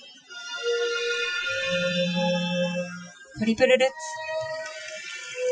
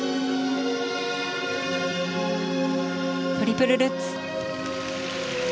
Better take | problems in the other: second | noise reduction (classical method Wiener filter)

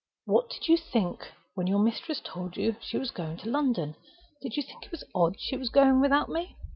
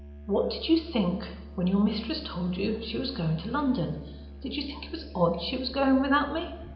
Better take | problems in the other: first | background sound (Musical instrument); 15 dB below the speech // room echo; dies away in 0.8 s

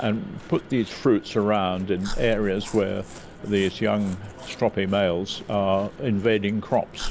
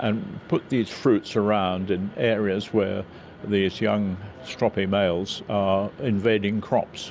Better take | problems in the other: second | background sound (Chewing, mastication); 14 dB below the speech

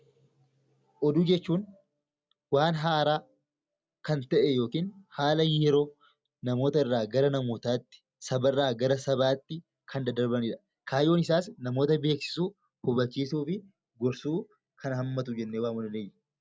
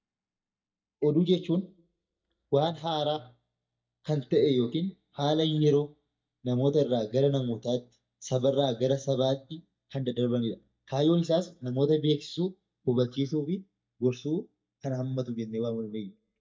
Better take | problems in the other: first | noise reduction (neural mask model DeepFilterNet 3)

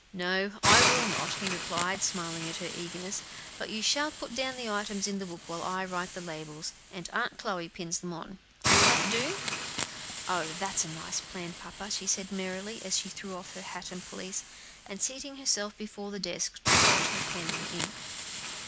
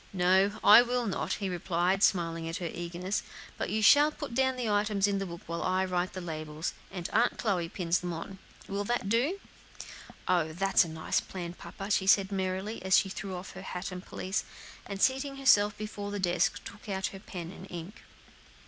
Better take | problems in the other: second | background sound (Hiss); 1 dB above the speech

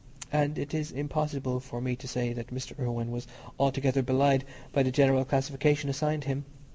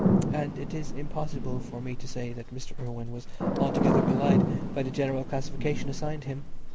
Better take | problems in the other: first | background sound (Livestock, farm animals, working animals + Thunder / Rain); 5 dB above the speech

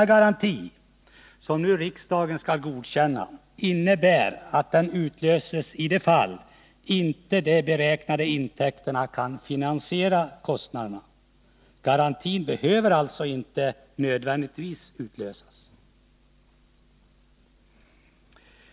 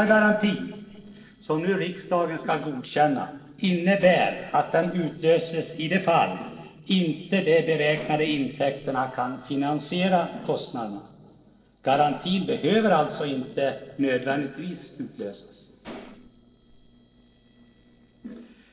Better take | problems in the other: first | noise reduction (neural separator model SepFormer DNS4)

